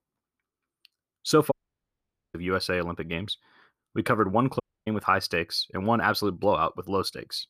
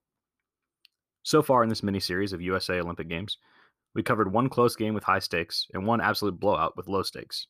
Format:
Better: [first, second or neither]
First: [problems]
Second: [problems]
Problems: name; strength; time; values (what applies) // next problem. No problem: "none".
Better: second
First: audio cutting out; at 1.5 s for 1 s and at 4.5 s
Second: none